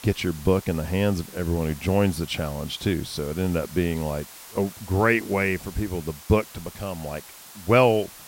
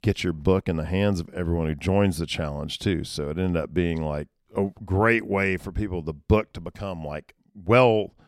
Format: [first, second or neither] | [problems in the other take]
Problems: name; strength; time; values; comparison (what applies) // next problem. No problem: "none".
second | hiss; noticeable; throughout; 15 dB below the speech